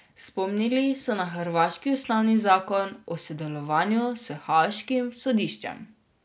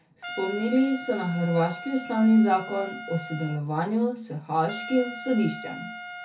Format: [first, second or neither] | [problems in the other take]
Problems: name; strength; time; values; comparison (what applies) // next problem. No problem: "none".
first | background sound (Trumpet); 13 dB below the speech // room echo; dies away in 0.3 s